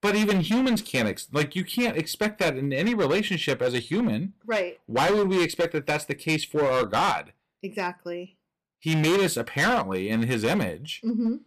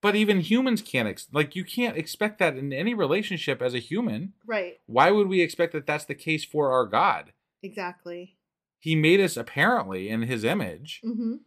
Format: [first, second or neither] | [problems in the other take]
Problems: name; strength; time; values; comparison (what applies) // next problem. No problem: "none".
second | distortion; heavy; 14% of the sound clipped